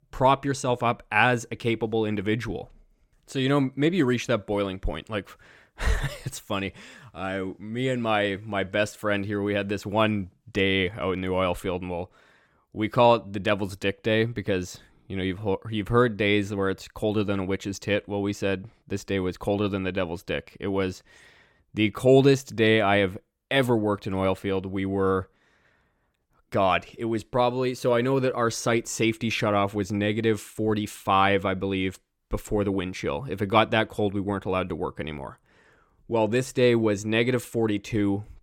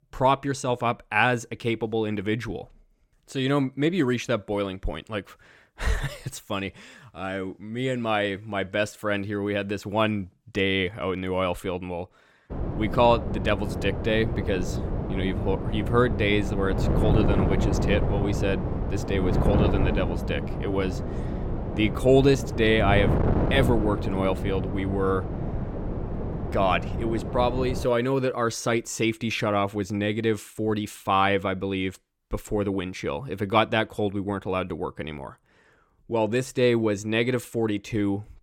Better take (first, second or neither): first